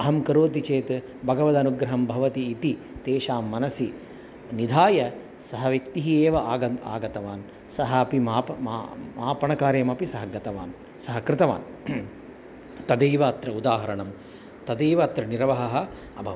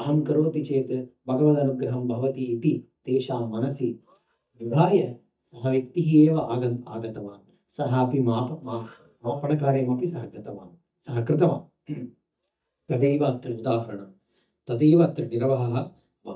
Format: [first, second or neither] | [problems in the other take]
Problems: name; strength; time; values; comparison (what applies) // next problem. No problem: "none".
first | noise reduction (neural mask model DeepFilterNet 3)